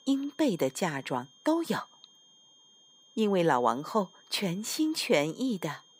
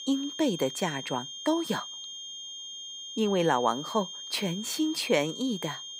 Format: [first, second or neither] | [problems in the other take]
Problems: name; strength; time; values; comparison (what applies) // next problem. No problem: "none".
first | high-pitched whine; loud; throughout; 3 kHz, 8 dB below the speech; faint in the first